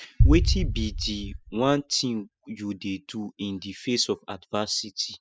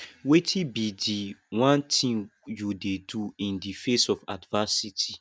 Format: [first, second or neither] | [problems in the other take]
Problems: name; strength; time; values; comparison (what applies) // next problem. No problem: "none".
second | noise reduction (classical method spectral subtraction)